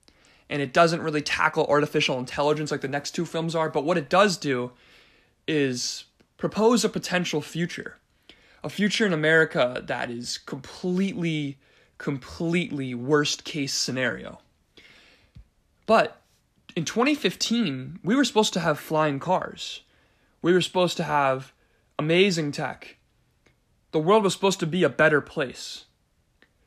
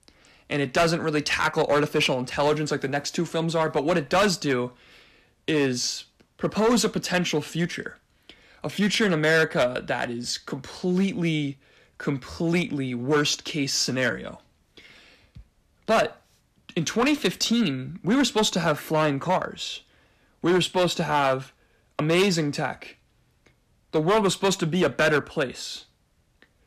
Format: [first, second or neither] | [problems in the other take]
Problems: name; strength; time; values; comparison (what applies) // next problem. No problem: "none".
first | distortion; slight; 5% of the sound clipped